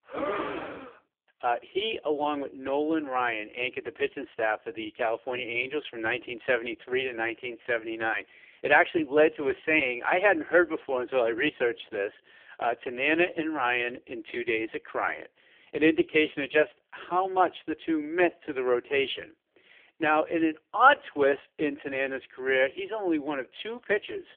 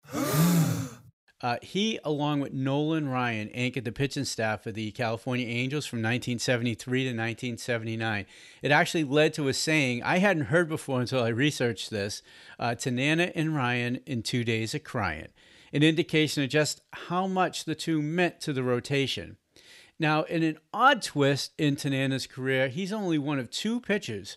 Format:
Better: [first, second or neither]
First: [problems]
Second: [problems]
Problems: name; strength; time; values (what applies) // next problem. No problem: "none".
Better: second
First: phone-call audio; poor line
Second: none